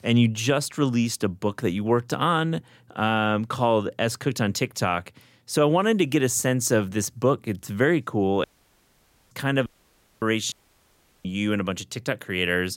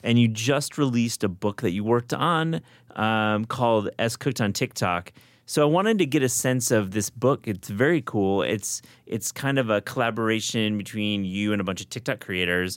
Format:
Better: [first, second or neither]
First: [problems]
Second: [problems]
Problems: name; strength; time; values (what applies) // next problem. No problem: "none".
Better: second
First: audio cutting out; at 8.5 s for 1 s, at 9.5 s for 0.5 s and at 11 s for 0.5 s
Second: none